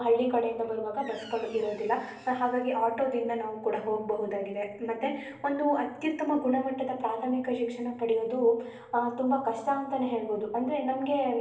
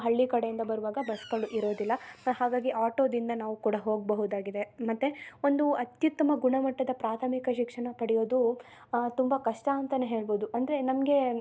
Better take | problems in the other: second | room echo; dies away in 0.7 s

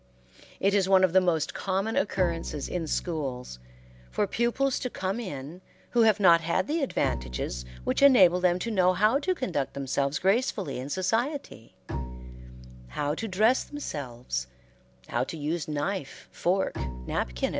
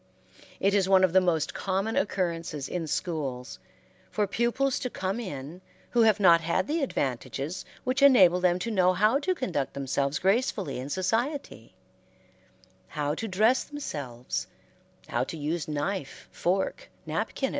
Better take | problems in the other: second | background sound (Bowed string instrument); 14 dB below the speech

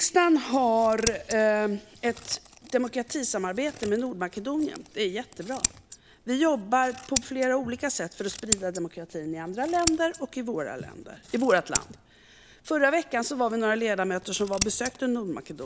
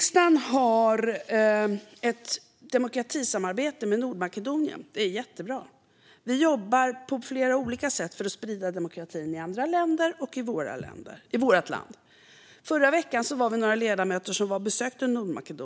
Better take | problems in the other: second | background sound (Scissors); 10 dB below the speech

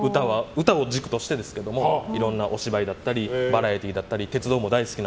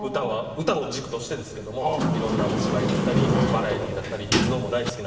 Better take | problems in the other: first | background sound (Sliding door); 4 dB above the speech // room echo; dies away in 2 s

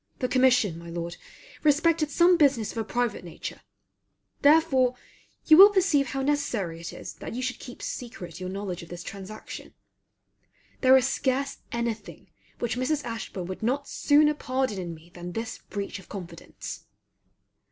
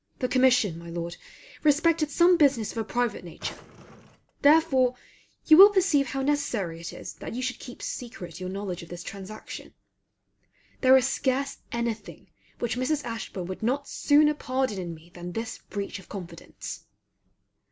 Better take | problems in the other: first | background sound (Drawer open or close); 20 dB below the speech

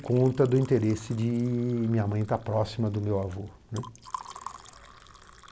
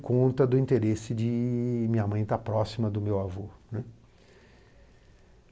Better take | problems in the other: second | background sound (Liquid); 20 dB below the speech

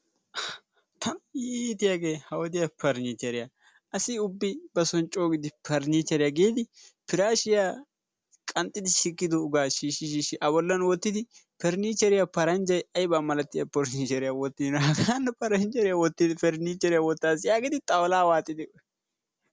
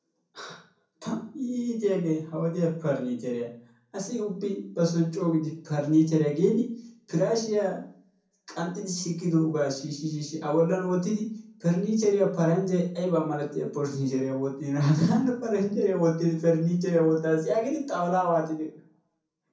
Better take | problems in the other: first | room echo; dies away in 0.6 s

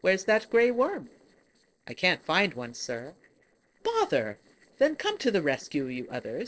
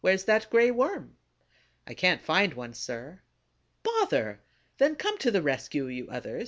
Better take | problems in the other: second | noise reduction (neural separator model SepFormer DNS4)

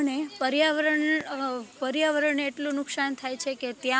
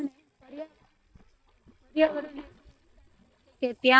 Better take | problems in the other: first | noise reduction (neural mask model DeepFilterNet 3)

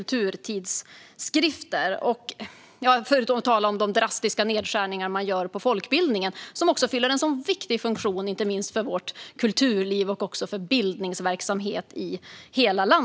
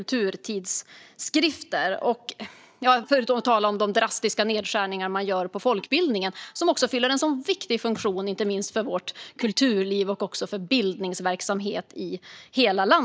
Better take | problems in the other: first | noise reduction (neural mask model DeepFilterNet 3)

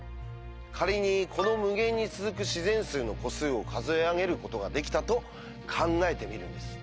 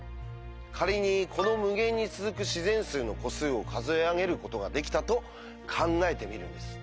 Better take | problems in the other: second | background sound (Strum); 18 dB below the speech

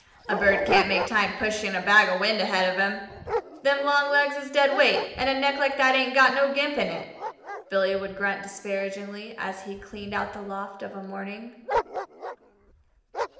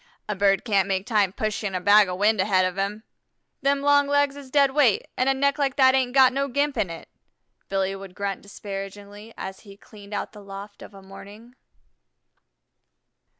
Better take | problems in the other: second | background sound (Dog); 9 dB below the speech // room echo; dies away in 0.8 s

